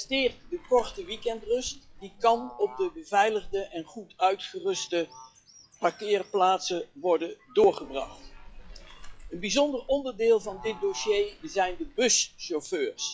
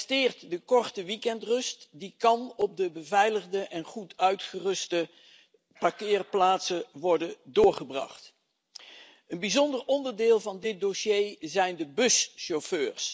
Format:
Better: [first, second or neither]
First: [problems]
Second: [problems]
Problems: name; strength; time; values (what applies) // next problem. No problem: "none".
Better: second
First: noise reduction (classical method log-MMSE)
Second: none